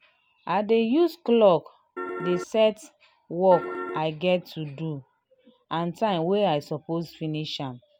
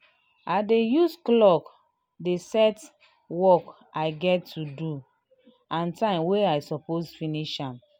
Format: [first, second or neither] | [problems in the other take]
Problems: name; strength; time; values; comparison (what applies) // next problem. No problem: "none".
second | background sound (Piano); 7 dB below the speech